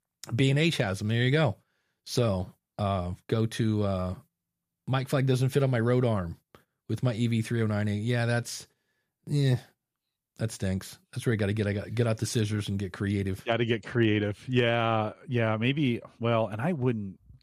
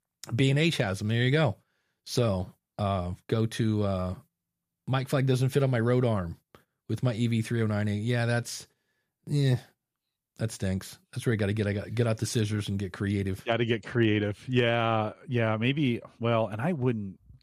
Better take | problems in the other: neither | none

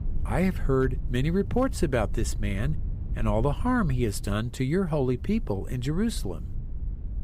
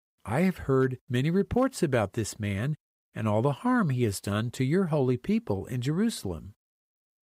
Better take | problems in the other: second | low rumble; faint; throughout; 20 dB below the speech

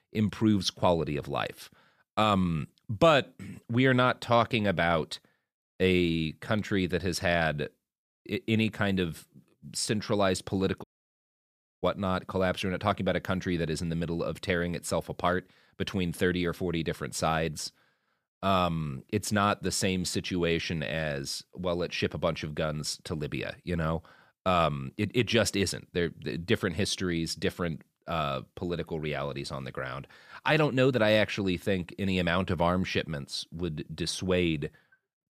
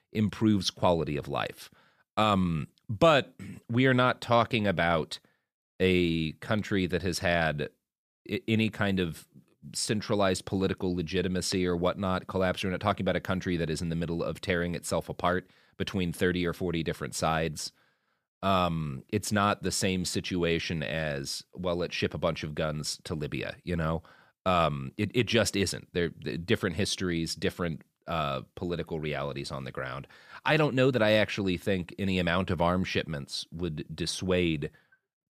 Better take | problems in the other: second | audio cutting out; at 11 s for 1 s

